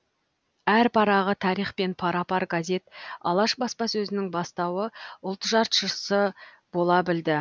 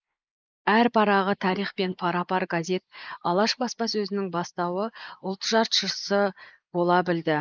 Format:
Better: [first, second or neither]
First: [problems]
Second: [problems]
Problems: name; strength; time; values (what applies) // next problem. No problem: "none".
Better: first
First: none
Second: noise reduction (neural mask model Resemble Enhance denoiser)